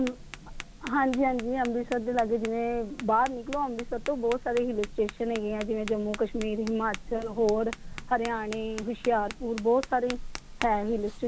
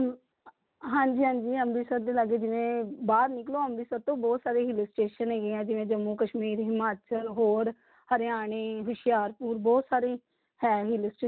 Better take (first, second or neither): second